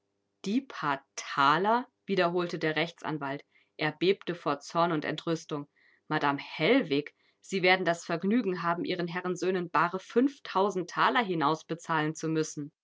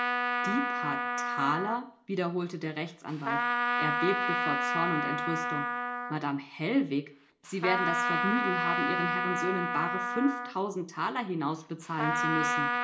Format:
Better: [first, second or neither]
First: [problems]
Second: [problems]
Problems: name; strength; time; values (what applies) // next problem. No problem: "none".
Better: first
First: none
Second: background sound (Trumpet); 1 dB above the speech // room echo; dies away in 0.4 s